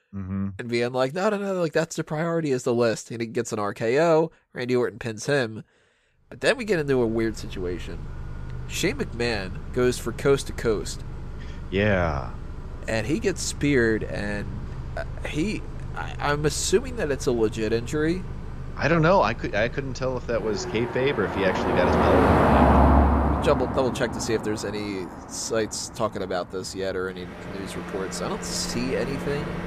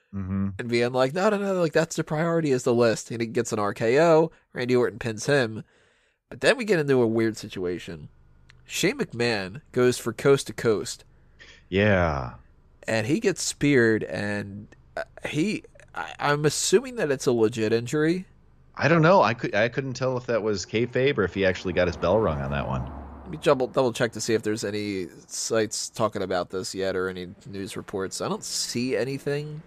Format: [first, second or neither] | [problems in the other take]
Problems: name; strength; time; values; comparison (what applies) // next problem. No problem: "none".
second | traffic noise; loud; from 7 s on; 3 dB below the speech; faint in the second